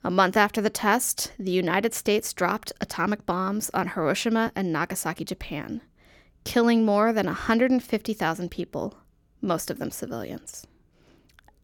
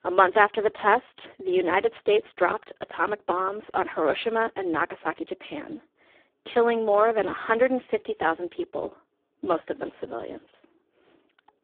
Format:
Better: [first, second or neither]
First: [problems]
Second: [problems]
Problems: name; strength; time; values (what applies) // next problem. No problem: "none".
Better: first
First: none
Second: phone-call audio; poor line